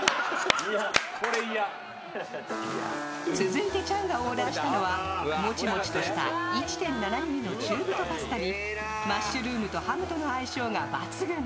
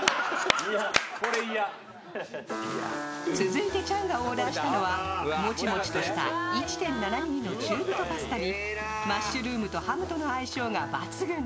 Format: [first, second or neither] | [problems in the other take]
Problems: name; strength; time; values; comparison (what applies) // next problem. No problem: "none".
second | background sound (Crowd); 15 dB below the speech